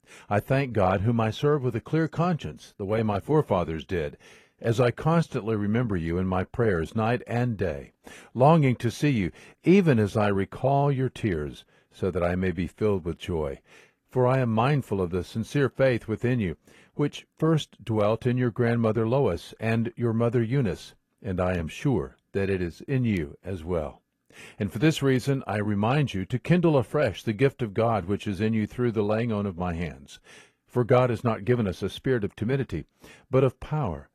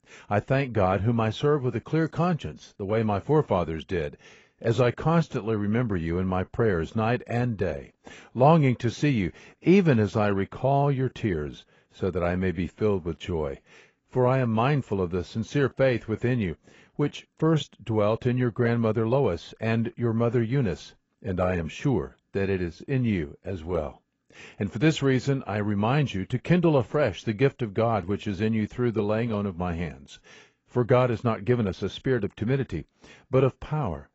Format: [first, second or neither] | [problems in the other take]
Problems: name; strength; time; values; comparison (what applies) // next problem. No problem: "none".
first | garbled, watery; badly; nothing above 7.5 kHz; slightly in the first